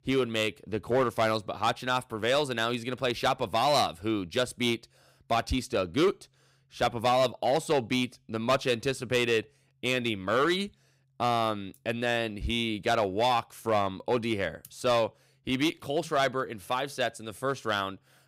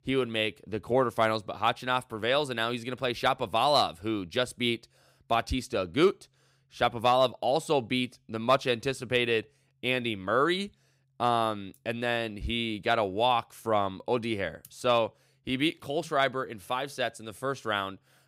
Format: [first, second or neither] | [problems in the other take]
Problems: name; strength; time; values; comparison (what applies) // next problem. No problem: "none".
second | distortion; slight; 4% of the sound clipped